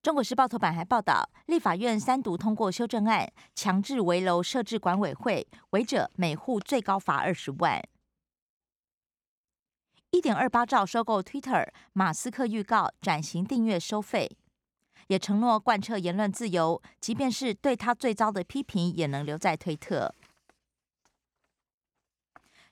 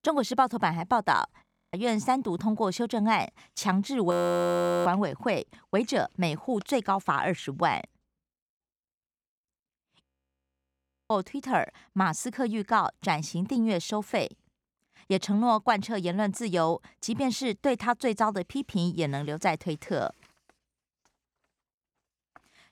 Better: first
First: none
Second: audio freezing; at 1.5 s, at 4 s for 1 s and at 10 s for 1 s

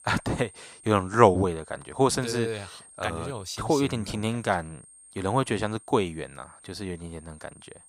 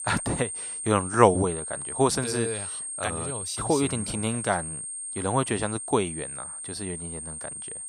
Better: first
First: high-pitched whine; faint; throughout; 8.5 kHz, 20 dB below the speech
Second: high-pitched whine; loud; throughout; 8.5 kHz, 5 dB below the speech

